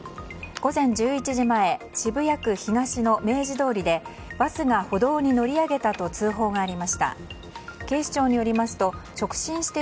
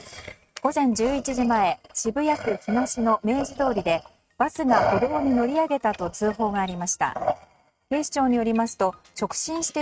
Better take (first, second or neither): first